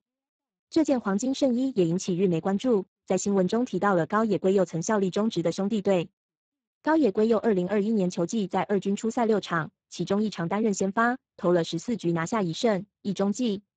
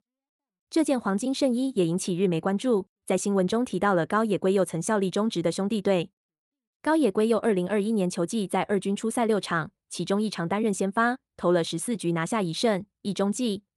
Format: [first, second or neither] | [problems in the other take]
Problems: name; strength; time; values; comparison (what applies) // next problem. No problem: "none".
second | garbled, watery; badly; nothing above 7.5 kHz